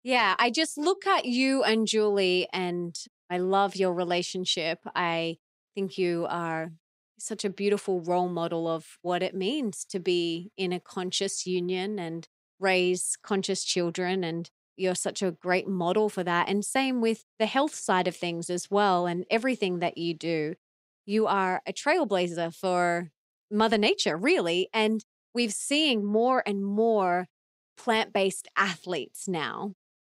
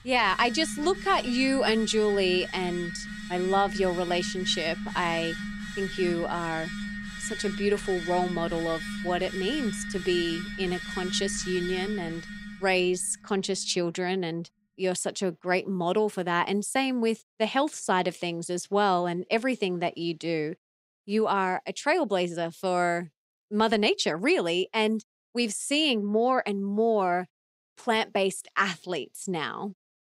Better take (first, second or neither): first